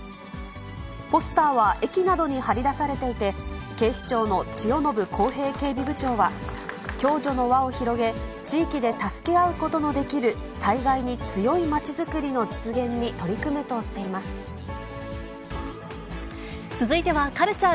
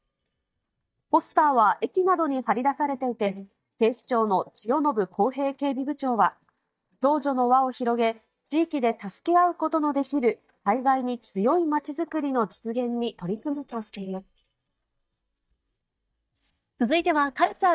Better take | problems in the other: first | noise reduction (neural mask model DeepFilterNet 3)

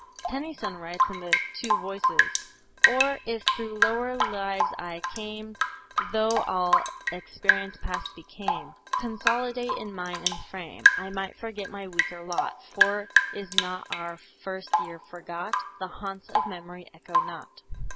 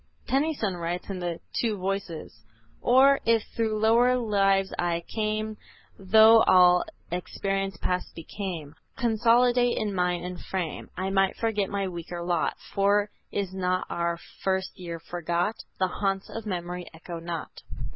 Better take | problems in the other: second | background sound (Drip / Rain); 4 dB above the speech

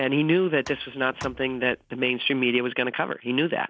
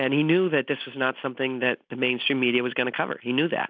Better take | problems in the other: second | background sound (Tick); 19 dB below the speech

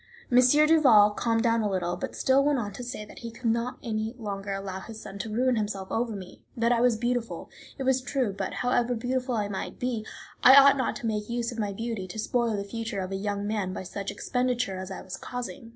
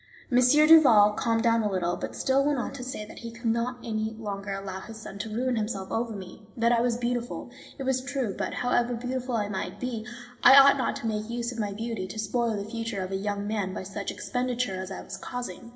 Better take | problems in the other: first | room echo; dies away in 0.9 s

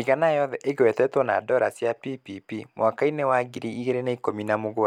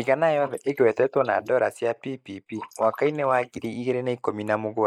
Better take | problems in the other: first | noise reduction (neural mask model Resemble Enhance denoiser)

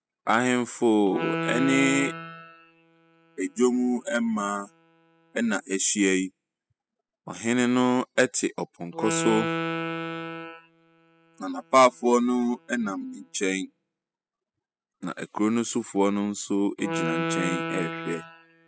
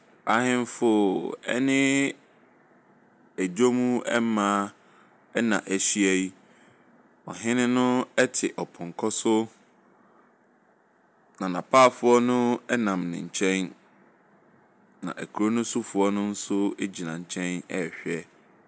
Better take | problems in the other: second | noise reduction (classical method spectral subtraction)

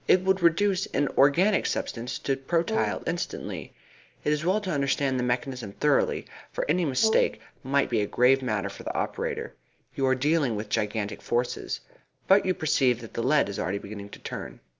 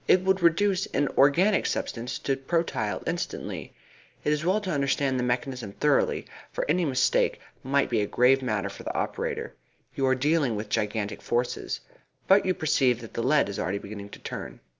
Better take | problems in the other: second | background sound (Brass instrument); 10 dB below the speech

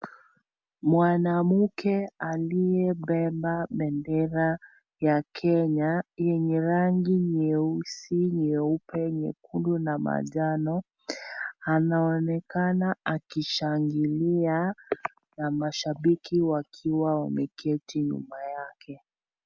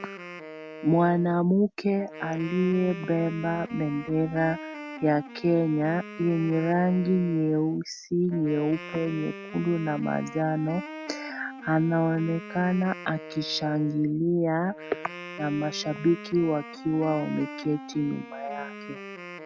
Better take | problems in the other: first | background sound (Wind instrument, woodwind instrument); 14 dB below the speech

